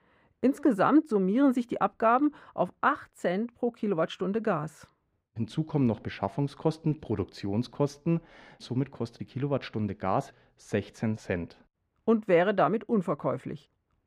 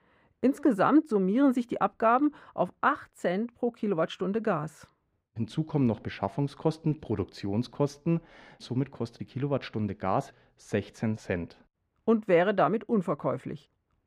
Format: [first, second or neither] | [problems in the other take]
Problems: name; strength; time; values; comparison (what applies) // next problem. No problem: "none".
neither | muffled; very; fading above 4 kHz; the same in both